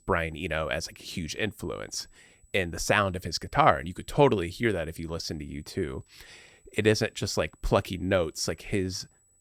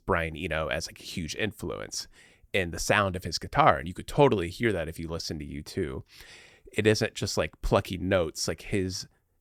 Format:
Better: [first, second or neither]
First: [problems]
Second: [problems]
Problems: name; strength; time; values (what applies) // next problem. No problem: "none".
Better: second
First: high-pitched whine; faint; throughout; 8 kHz, 35 dB below the speech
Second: none